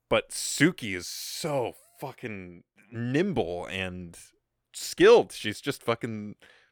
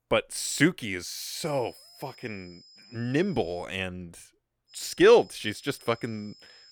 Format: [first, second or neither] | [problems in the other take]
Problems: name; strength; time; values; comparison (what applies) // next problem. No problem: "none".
first | high-pitched whine; faint; from 1 to 3.5 s and from 4.5 s on; 5 kHz, 25 dB below the speech